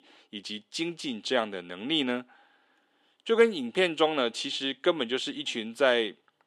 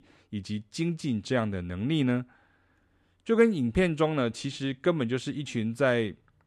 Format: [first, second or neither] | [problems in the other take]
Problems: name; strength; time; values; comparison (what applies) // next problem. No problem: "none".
second | thin; somewhat; fading below 300 Hz